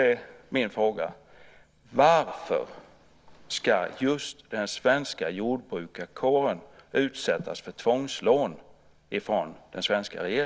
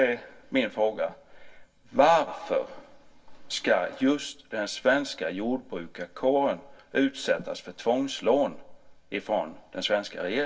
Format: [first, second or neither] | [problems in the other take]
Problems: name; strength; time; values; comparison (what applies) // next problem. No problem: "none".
first | room echo; dies away in 0.1 s